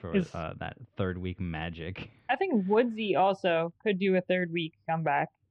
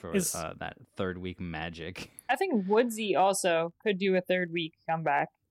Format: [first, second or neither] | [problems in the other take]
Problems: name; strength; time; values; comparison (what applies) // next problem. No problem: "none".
second | muffled; very; fading above 3 kHz